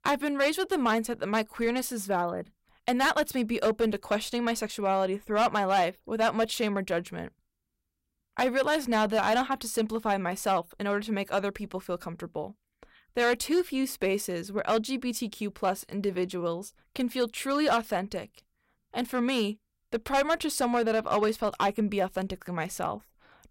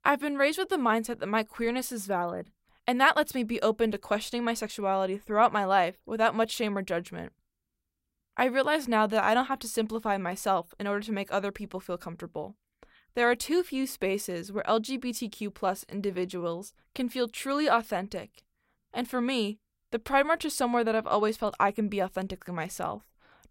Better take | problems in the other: second | distortion; slight; 4% of the sound clipped

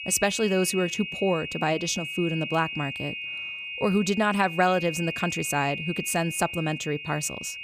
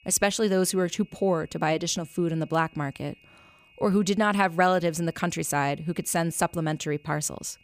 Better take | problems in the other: second | high-pitched whine; loud; throughout; 2.5 kHz, 6 dB below the speech; faint in the second

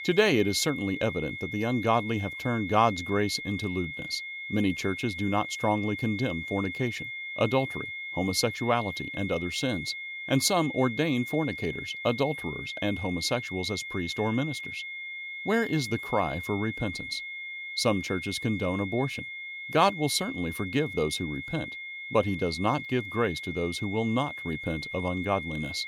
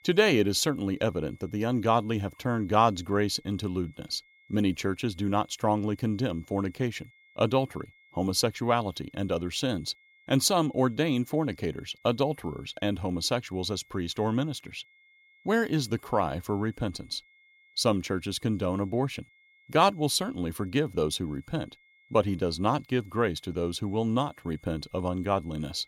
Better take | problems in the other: second | high-pitched whine; loud; throughout; 2 kHz, 7 dB below the speech; faint in the second

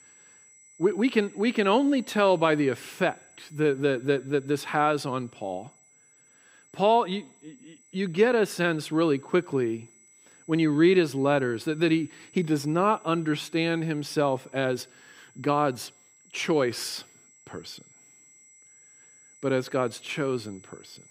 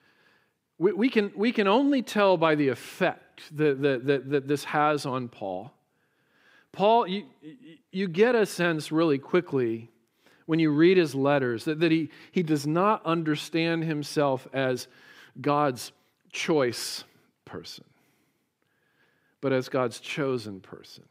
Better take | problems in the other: second | high-pitched whine; faint; throughout; 8 kHz, 30 dB below the speech

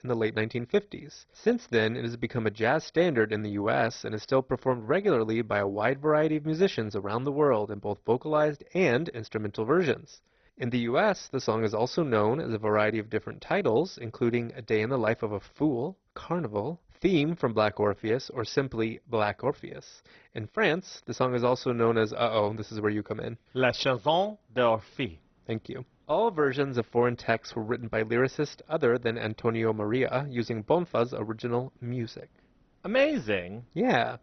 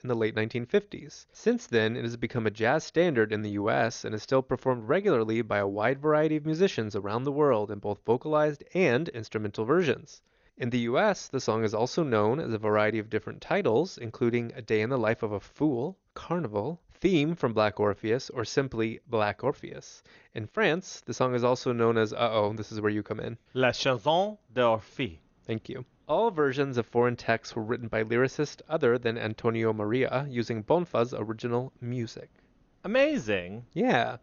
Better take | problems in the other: second | garbled, watery; badly; nothing above 6 kHz; slightly in the second

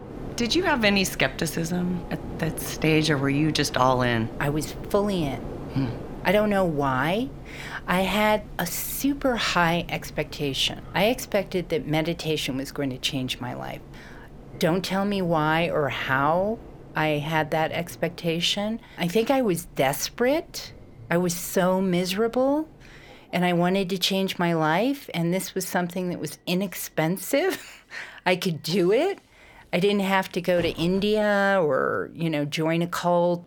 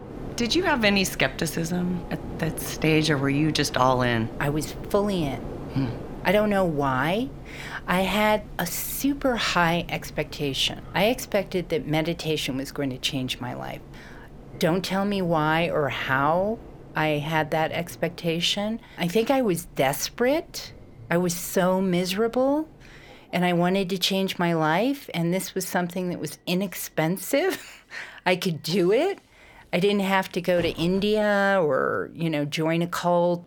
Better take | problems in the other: neither | train or aircraft noise; noticeable; throughout; 15 dB below the speech; the same in both

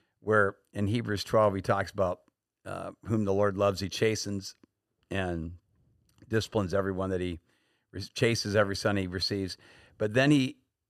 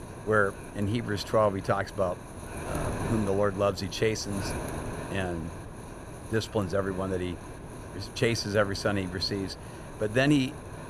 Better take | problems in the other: first | wind noise on the microphone; occasional gusts; 10 dB below the speech

